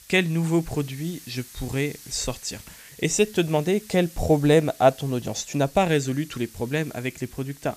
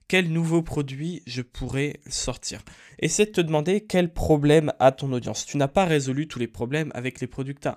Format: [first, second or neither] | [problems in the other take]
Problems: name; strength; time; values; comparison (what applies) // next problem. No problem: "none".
second | hiss; noticeable; throughout; 20 dB below the speech